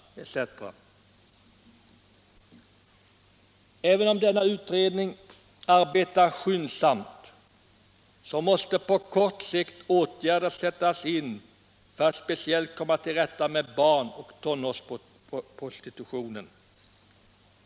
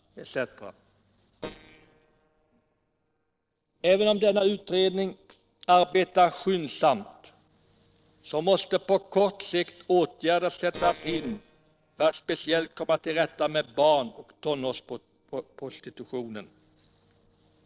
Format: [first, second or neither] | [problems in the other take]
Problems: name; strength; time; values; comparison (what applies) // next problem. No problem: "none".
first | noise reduction (neural separator model SepFormer DNS4)